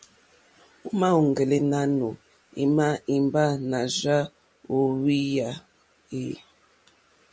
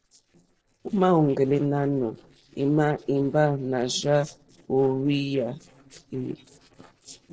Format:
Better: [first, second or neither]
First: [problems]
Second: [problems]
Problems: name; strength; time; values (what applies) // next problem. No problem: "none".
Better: first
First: none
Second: noise reduction (neural separator model SepFormer DNS4)